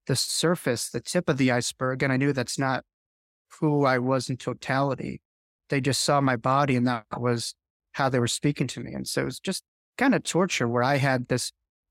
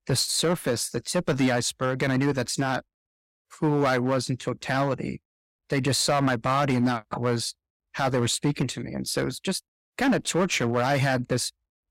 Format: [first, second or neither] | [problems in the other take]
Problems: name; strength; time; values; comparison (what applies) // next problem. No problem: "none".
first | distortion; slight; 5% of the sound clipped